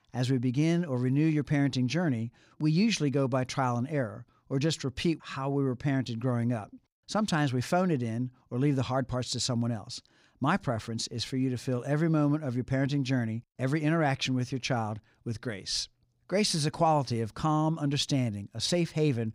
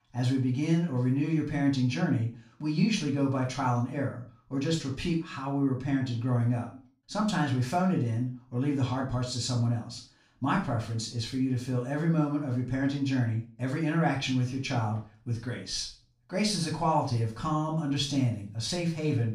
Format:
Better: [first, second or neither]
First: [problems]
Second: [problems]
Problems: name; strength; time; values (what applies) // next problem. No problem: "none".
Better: first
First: none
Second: off-mic speech; far // room echo; slight; dies away in 0.3 s